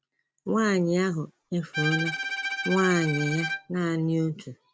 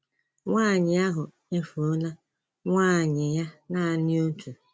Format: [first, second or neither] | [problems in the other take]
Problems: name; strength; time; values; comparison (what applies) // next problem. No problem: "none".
second | background sound (Bowed string instrument); 5 dB below the speech